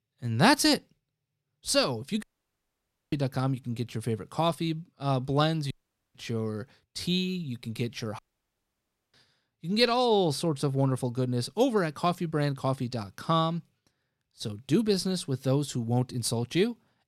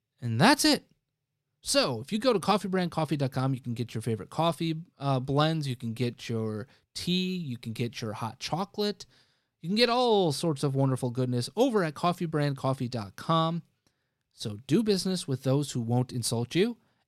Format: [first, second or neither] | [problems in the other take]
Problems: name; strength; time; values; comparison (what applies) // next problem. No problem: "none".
second | audio cutting out; at 2 s for 1 s, at 5.5 s and at 8 s for 1 s